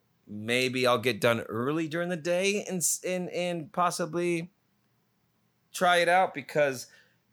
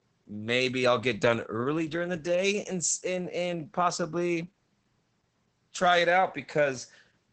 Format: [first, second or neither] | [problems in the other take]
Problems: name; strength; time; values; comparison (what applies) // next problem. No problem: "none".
first | garbled, watery; badly; nothing above 8 kHz